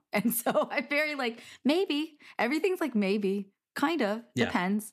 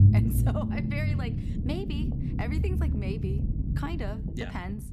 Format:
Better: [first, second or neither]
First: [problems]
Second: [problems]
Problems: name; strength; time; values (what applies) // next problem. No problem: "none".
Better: first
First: none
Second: low rumble; loud; throughout; 2 dB below the speech